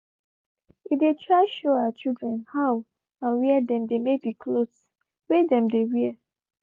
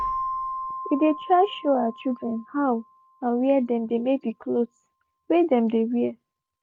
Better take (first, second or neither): first